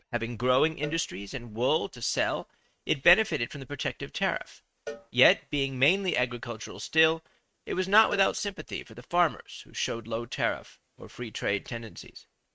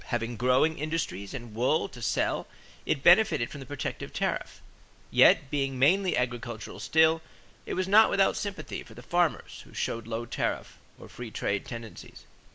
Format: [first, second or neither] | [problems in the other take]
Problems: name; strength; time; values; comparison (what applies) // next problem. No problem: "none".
second | noise reduction (neural mask model RNNoise)